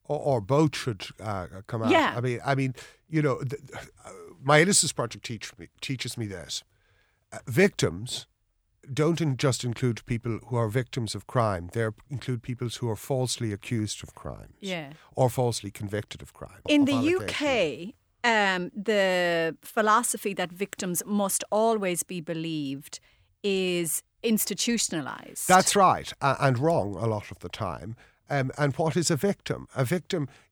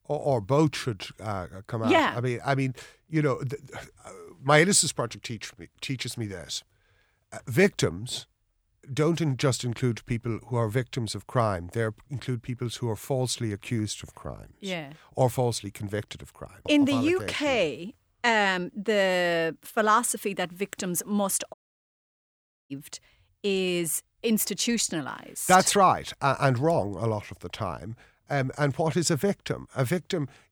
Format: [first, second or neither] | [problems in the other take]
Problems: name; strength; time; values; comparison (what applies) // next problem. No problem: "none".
first | audio cutting out; at 22 s for 1 s